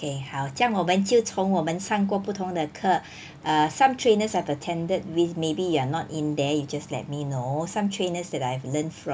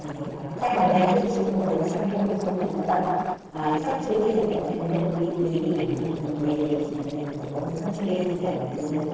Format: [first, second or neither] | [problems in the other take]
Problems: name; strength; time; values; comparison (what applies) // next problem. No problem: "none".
first | noise reduction (neural separator model SepFormer DNS4)